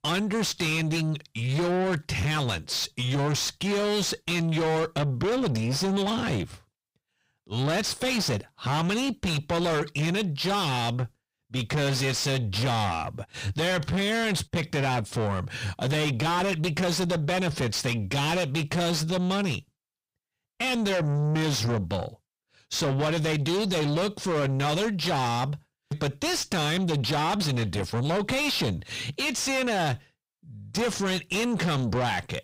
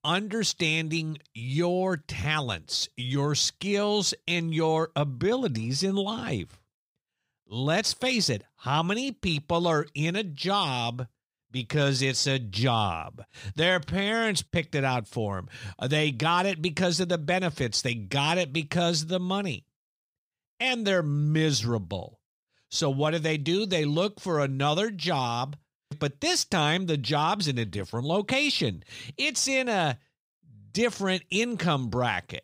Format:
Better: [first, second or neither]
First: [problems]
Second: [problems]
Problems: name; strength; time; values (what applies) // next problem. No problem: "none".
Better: second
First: distortion; heavy; 6 dB below the speech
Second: none